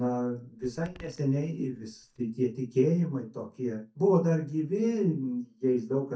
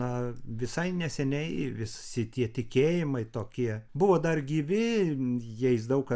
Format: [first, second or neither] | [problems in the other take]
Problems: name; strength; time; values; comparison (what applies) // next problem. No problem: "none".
second | noise reduction (neural mask model DeepFilterNet 3)